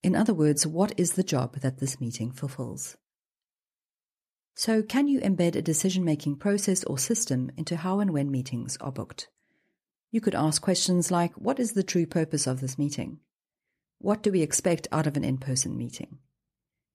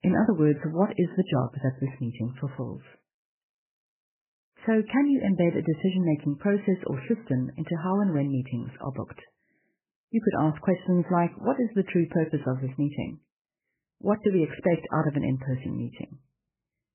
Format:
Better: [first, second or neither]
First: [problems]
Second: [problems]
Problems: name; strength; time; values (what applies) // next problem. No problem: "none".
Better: first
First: none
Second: garbled, watery; badly; nothing above 3 kHz